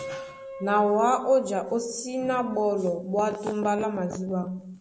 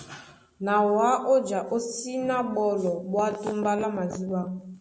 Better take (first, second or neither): second